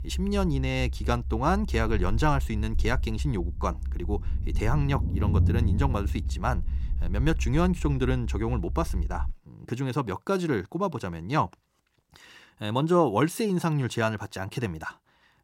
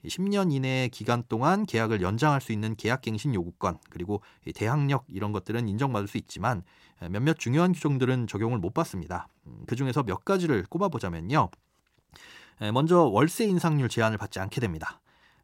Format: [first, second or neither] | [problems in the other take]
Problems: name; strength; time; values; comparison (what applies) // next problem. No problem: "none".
second | low rumble; noticeable; until 9.5 s; 15 dB below the speech